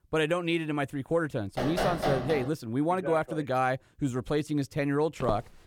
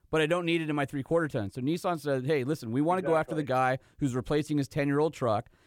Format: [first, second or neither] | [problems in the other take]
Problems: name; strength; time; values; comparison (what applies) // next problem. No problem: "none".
second | door banging; loud; at 1.5 s; peak level with the speech // footsteps; noticeable; at 5 s; peak 8 dB below the speech